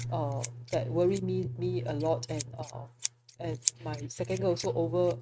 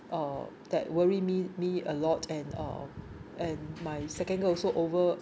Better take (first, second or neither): second